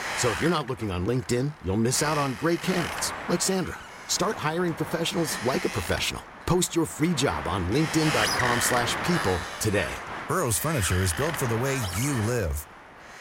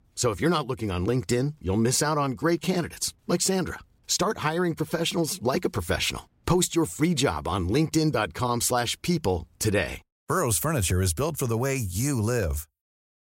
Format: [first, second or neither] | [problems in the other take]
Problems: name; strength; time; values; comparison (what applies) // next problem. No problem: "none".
second | wind noise on the microphone; heavy; 2 dB below the speech